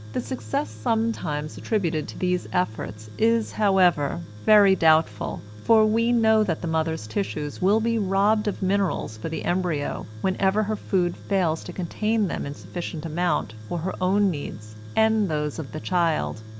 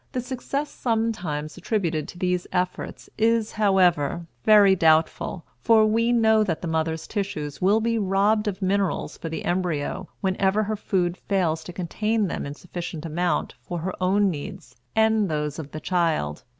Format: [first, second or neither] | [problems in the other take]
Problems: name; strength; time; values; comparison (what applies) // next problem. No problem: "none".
second | background sound (Tools); 14 dB below the speech